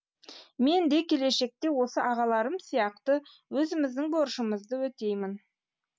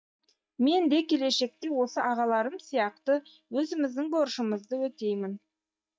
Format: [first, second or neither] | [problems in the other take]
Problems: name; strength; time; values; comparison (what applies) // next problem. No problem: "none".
first | noise reduction (neural mask model DeepFilterNet 3)